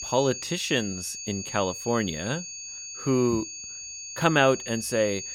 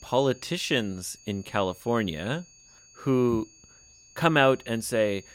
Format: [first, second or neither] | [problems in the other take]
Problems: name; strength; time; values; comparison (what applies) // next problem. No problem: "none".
second | high-pitched whine; loud; throughout; 6.5 kHz, 8 dB below the speech; faint in the second